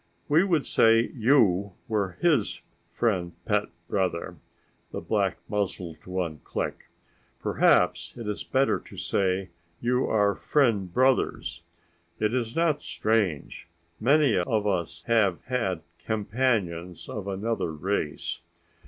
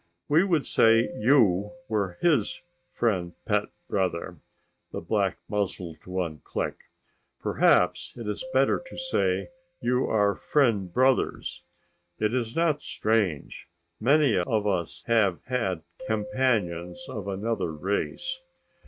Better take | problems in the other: first | noise reduction (neural mask model RNNoise)

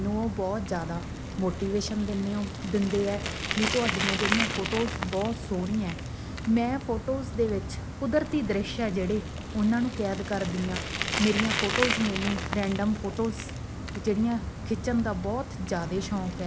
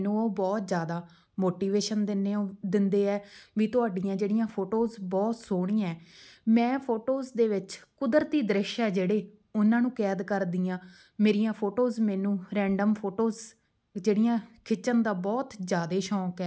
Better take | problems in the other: second | background sound (Bicycle); 4 dB below the speech

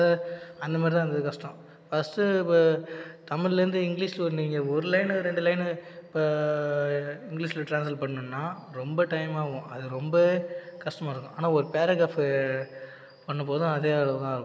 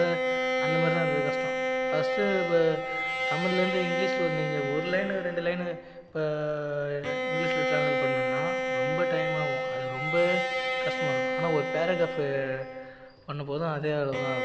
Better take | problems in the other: first | background sound (Bowed string instrument); 1 dB above the speech

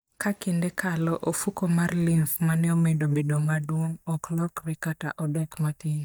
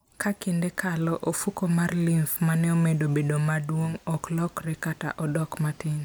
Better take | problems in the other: second | noise reduction (neural mask model DeepFilterNet 3)

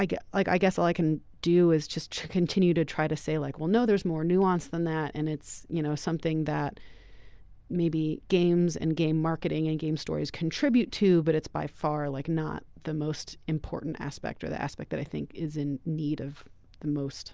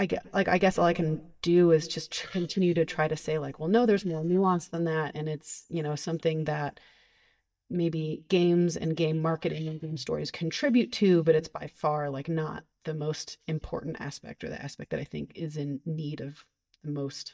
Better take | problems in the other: first | noise reduction (neural mask model DeepFilterNet 3)

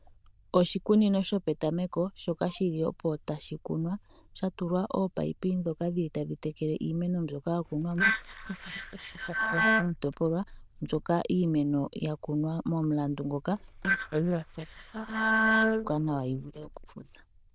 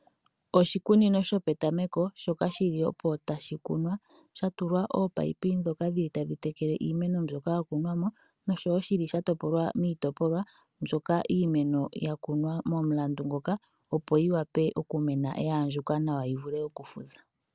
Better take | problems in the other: second | noise reduction (neural diffusion model UNIVERSE++)

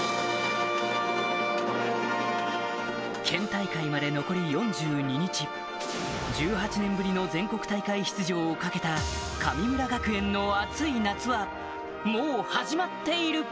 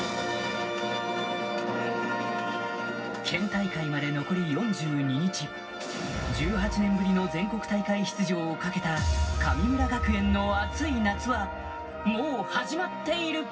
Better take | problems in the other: first | room echo; dies away in 0.4 s

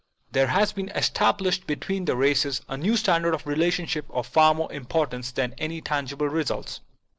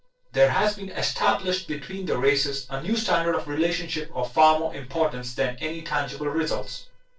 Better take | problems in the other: first | noise reduction (neural separator model SepFormer DNS4)

